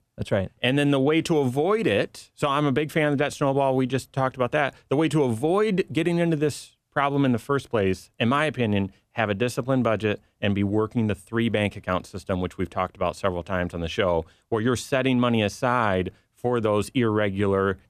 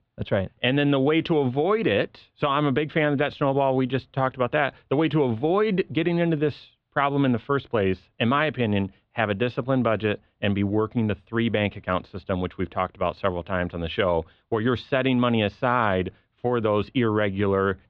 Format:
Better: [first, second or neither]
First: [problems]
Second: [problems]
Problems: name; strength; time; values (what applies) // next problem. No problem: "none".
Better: first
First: none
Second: muffled; slightly; fading above 4 kHz